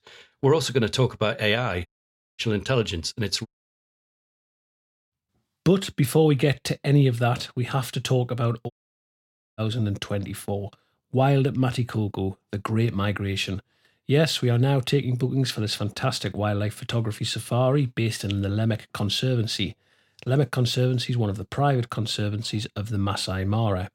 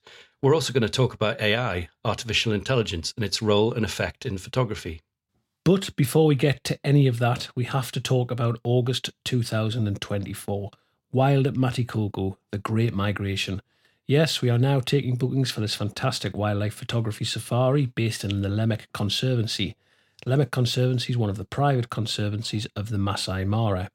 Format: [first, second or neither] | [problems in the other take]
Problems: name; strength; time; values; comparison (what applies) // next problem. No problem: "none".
second | audio cutting out; at 2 s for 0.5 s, at 3.5 s for 1.5 s and at 8.5 s for 1 s